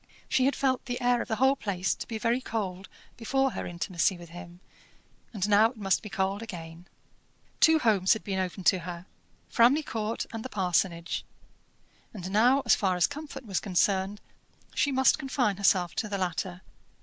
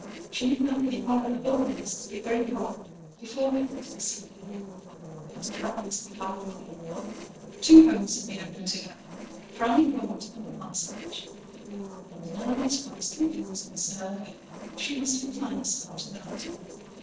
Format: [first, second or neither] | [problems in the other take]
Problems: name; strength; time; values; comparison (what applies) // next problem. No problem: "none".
first | noise reduction (neural separator model SepFormer DNS4)